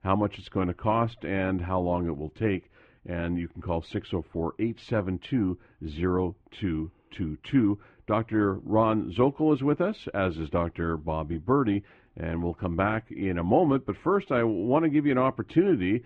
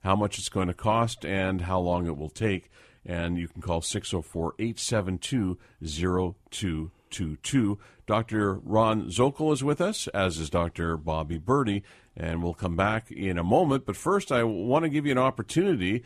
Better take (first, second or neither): second